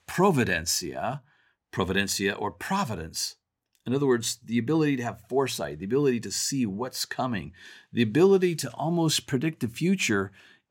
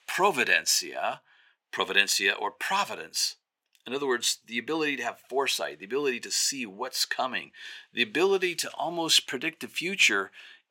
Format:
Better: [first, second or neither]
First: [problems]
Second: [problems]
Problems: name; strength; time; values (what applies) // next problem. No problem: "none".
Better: first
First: none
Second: thin; somewhat; fading below 500 Hz